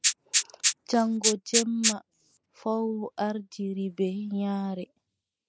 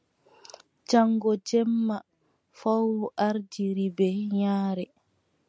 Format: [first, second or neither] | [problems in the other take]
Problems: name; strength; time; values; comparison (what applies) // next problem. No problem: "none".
second | noise reduction (neural mask model Resemble Enhance denoiser)